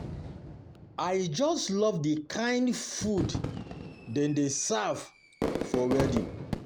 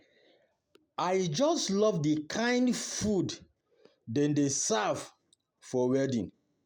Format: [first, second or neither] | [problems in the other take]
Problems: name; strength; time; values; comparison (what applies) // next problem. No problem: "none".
second | background sound (Fireworks); 7 dB below the speech